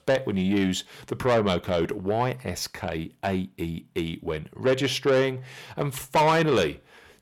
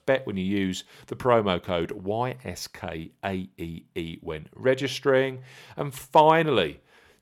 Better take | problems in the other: second | distortion; heavy; 7 dB below the speech

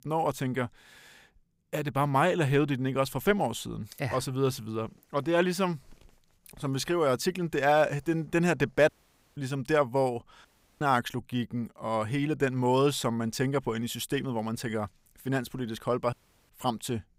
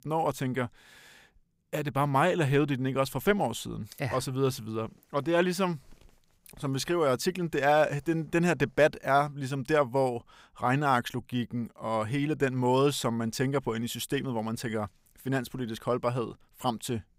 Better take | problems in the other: second | audio cutting out; at 9 s, at 10 s and at 16 s

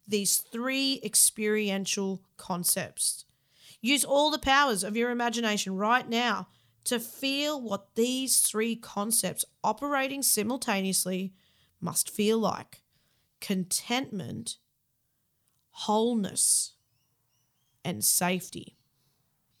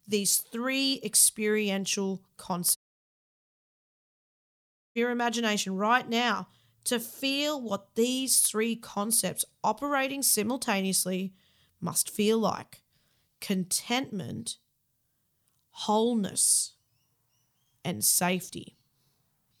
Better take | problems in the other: first | audio cutting out; at 3 s for 2 s

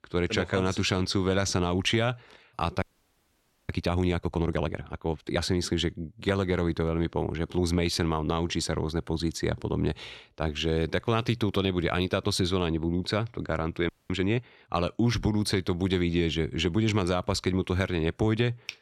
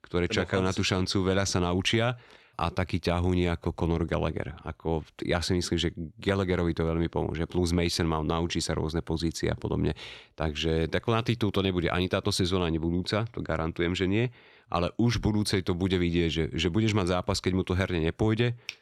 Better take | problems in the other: second | audio freezing; at 3 s for 1 s and at 14 s

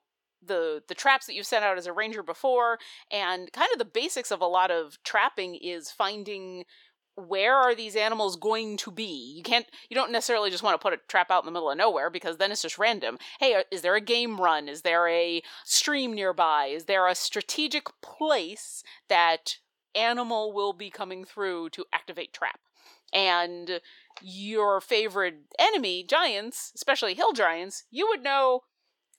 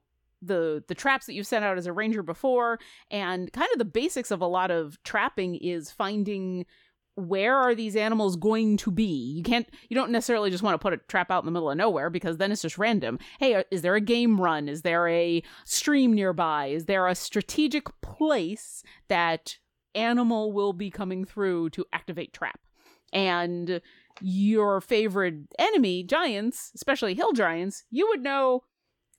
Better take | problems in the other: second | thin; very; fading below 550 Hz

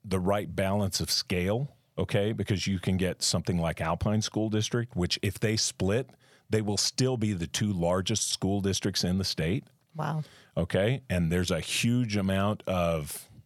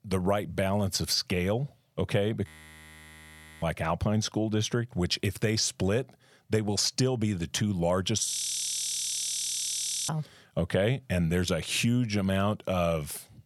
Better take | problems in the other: first | audio freezing; at 2.5 s for 1 s and at 8.5 s for 2 s

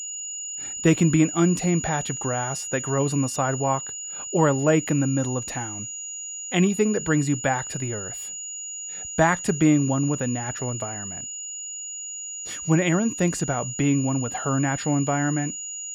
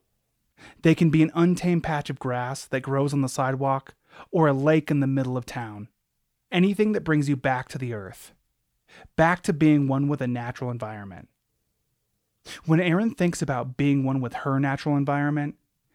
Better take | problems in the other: second | high-pitched whine; loud; throughout; 7 kHz, 7 dB below the speech

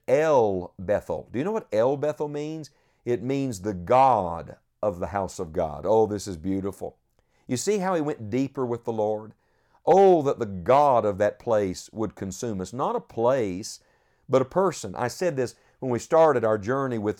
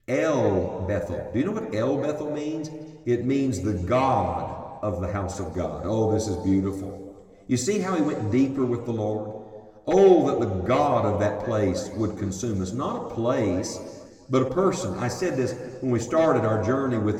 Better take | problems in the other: first | room echo; slight; dies away in 1.8 s // off-mic speech; somewhat distant

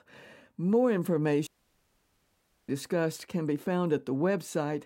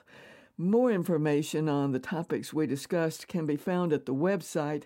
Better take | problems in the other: second | audio cutting out; at 1.5 s for 1 s

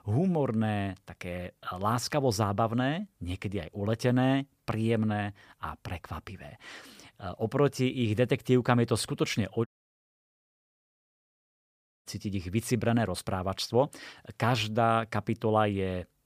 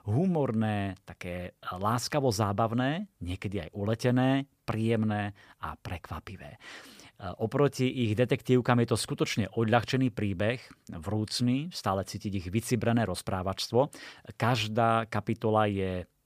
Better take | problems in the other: second | audio cutting out; at 9.5 s for 2.5 s

